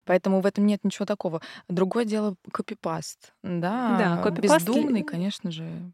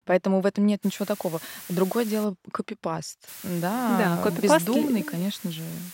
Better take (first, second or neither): first